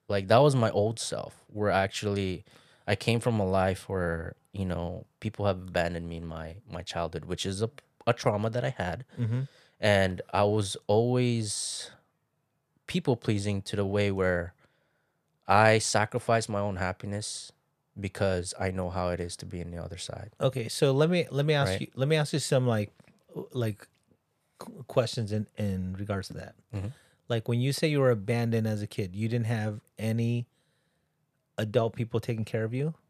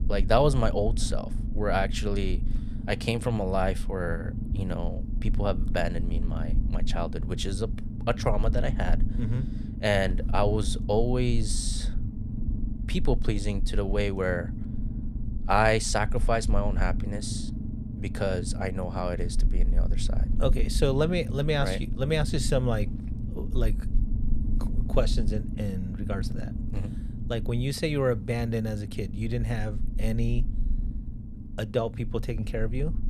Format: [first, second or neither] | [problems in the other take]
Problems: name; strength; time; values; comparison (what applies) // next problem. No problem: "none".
first | low rumble; noticeable; throughout; 15 dB below the speech